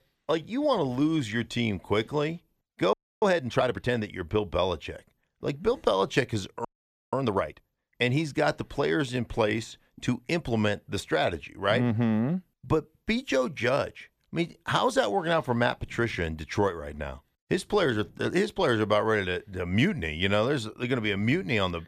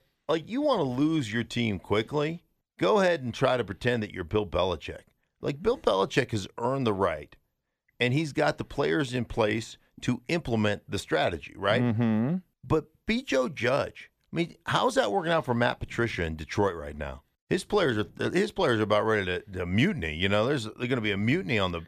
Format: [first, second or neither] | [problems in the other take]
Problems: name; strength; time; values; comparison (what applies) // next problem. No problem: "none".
second | audio freezing; at 3 s and at 6.5 s